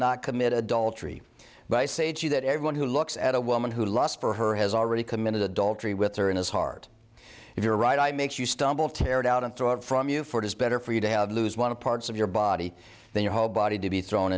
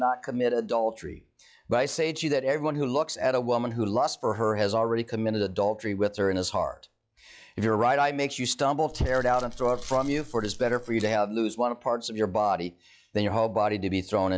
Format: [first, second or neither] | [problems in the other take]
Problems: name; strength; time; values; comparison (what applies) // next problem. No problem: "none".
first | noise reduction (classical method log-MMSE)